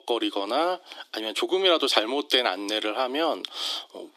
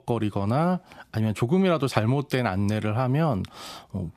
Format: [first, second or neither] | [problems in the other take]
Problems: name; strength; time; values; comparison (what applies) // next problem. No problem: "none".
second | thin; very; fading below 300 Hz